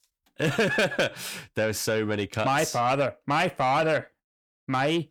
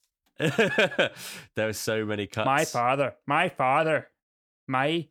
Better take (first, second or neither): second